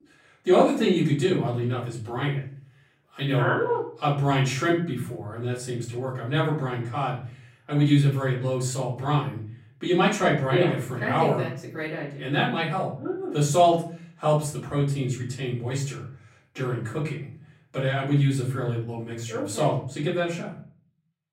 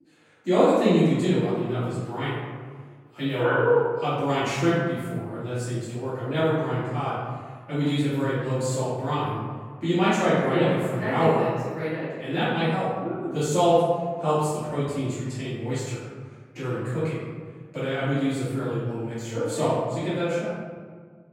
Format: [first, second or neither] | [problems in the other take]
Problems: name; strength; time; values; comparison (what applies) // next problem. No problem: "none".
first | room echo; strong; dies away in 1.5 s; slight in the first // off-mic speech; far; far in the first